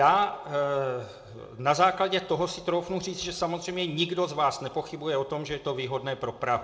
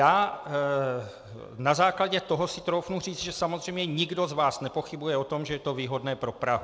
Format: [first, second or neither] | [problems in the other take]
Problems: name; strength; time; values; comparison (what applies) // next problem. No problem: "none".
second | room echo; dies away in 0.5 s